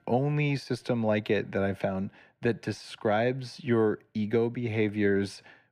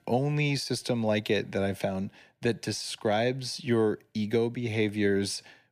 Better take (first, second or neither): second